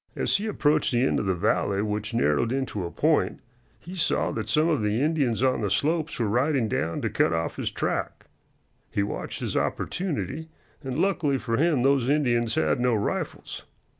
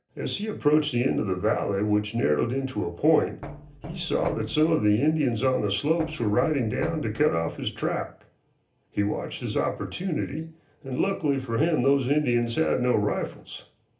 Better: first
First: none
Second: background sound (Knock); 14 dB below the speech // room echo; dies away in 0.3 s

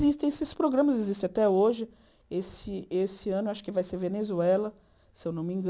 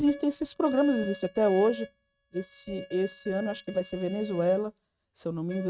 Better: first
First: none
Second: noise reduction (neural mask model RNNoise)

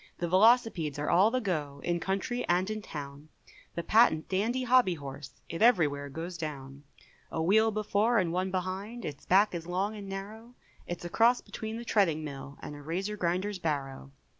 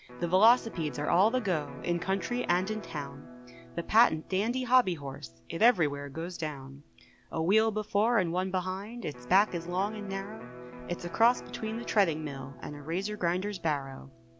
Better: first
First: none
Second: background sound (Electric guitar); 16 dB below the speech

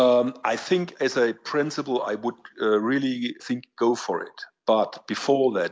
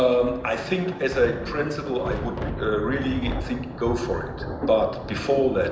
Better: first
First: none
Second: background sound (Thunder); 7 dB below the speech // room echo; dies away in 0.9 s

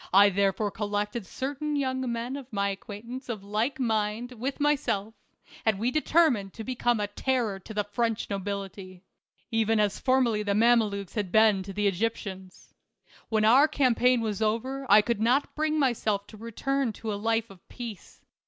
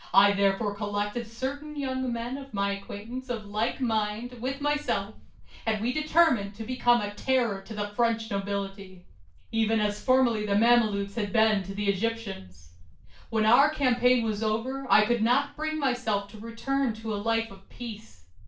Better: first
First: none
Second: background sound (Walk, footsteps); 19 dB below the speech // room echo; dies away in 0.3 s

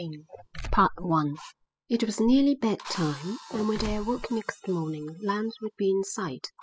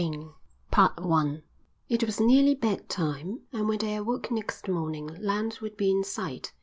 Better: second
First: noise reduction (classical method spectral subtraction)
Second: none

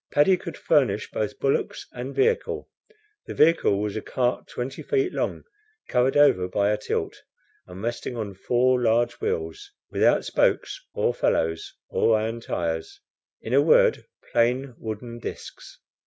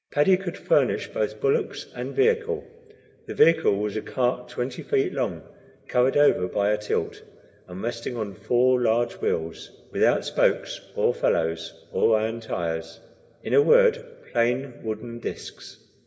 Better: first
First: none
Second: room echo; dies away in 1.8 s

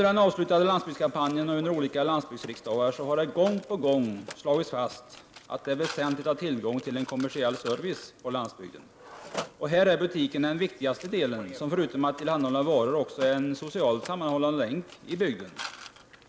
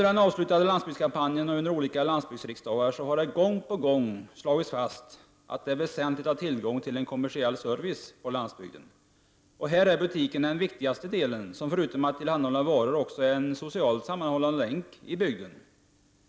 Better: second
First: background sound (Mechanisms); 18 dB below the speech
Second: none

